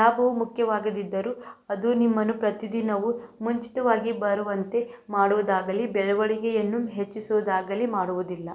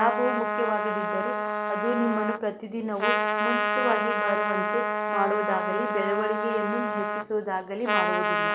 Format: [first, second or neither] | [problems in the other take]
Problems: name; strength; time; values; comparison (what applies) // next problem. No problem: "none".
first | background sound (Trumpet); 2 dB above the speech